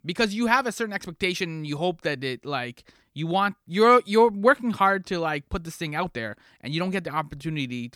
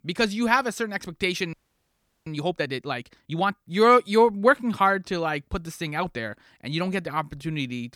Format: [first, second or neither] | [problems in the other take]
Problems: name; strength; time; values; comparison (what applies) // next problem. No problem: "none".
first | audio freezing; at 1.5 s for 0.5 s